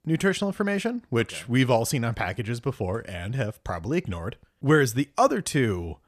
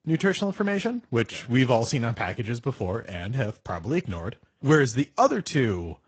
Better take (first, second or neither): first